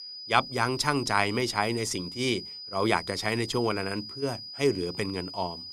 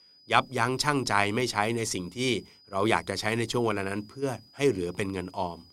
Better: second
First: high-pitched whine; loud; throughout; 5 kHz, 10 dB below the speech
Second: high-pitched whine; faint; throughout; 5 kHz, 25 dB below the speech

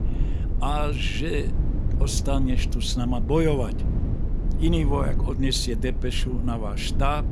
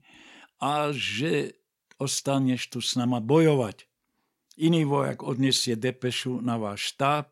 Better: second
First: low rumble; noticeable; throughout; 10 dB below the speech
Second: none

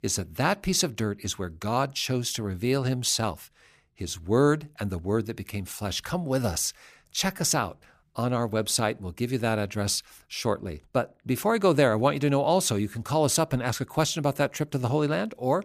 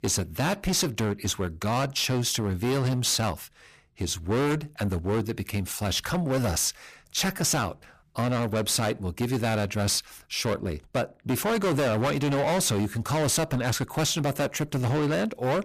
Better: first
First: none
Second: distortion; heavy; 19% of the sound clipped

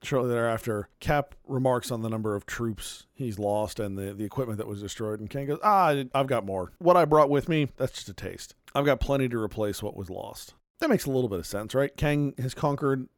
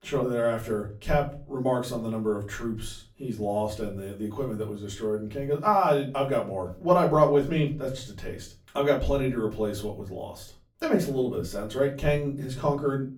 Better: first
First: none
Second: off-mic speech; far // room echo; very slight; dies away in 0.3 s

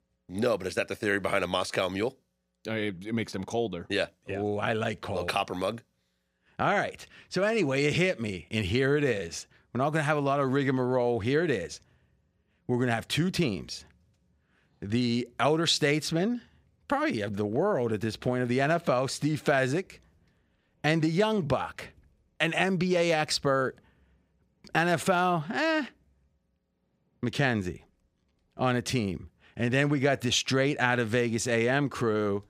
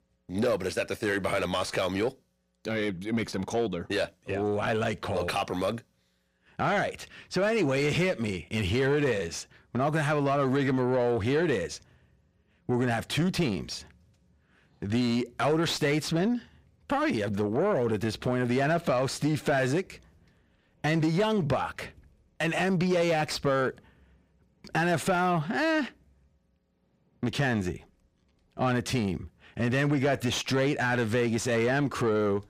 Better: first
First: none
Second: distortion; slight; 10 dB below the speech

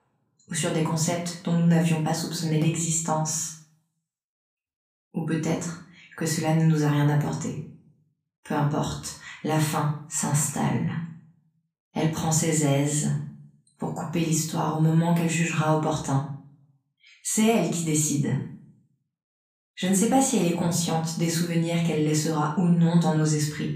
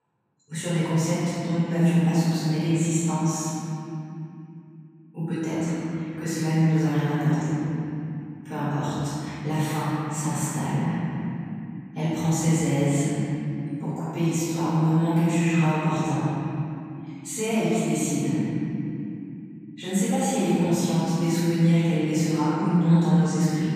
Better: first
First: room echo; slight; dies away in 0.4 s // off-mic speech; far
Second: room echo; strong; dies away in 3 s // off-mic speech; far

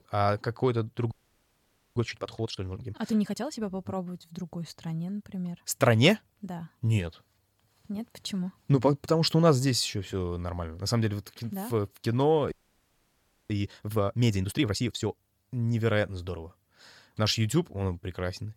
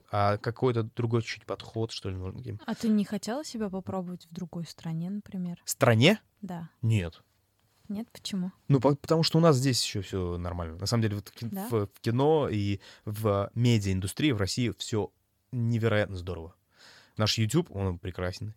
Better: second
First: audio freezing; at 1 s for 1 s and at 13 s for 1 s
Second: none

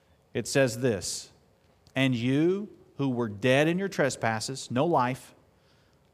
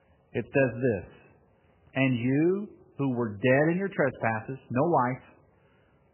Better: first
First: none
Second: garbled, watery; badly; nothing above 2.5 kHz

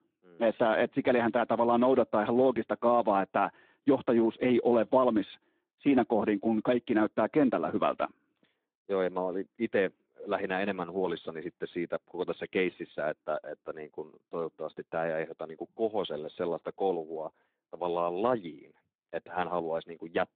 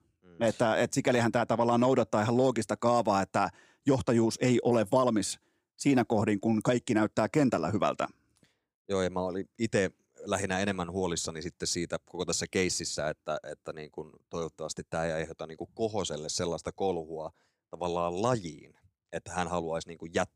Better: second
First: phone-call audio; nothing above 3.5 kHz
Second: none

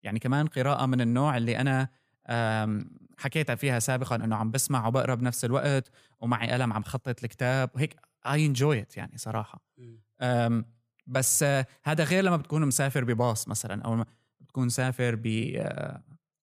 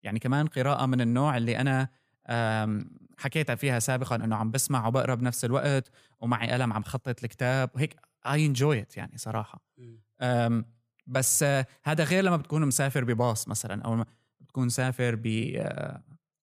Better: neither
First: none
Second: none

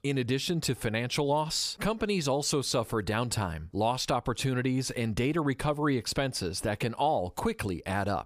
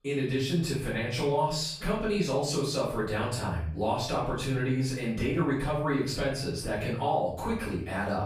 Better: first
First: none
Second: room echo; noticeable; dies away in 0.5 s // off-mic speech; far

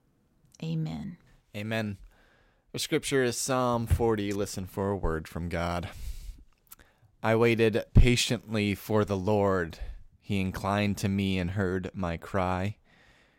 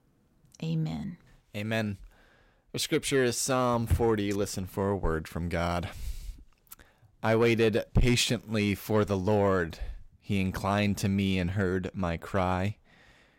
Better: first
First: none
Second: distortion; slight; 10 dB below the speech

